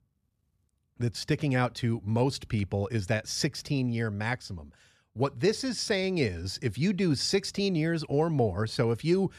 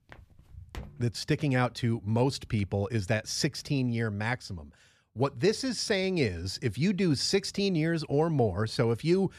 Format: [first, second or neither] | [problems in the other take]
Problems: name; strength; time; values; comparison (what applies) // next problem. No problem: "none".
first | footsteps; faint; at the start; peak 15 dB below the speech